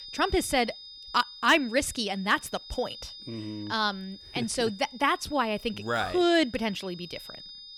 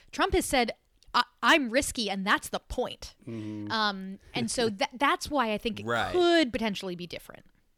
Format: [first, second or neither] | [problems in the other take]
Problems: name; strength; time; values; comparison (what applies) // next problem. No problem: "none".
second | high-pitched whine; noticeable; throughout; 5 kHz, 15 dB below the speech